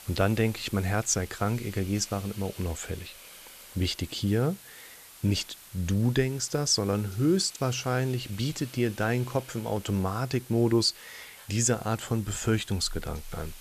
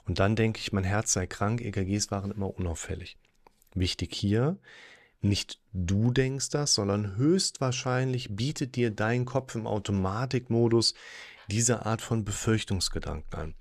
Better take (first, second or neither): second